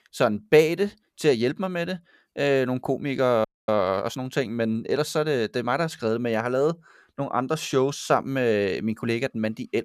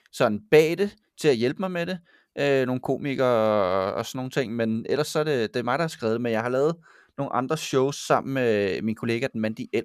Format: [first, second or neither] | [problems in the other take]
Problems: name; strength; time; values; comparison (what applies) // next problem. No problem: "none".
second | audio freezing; at 3.5 s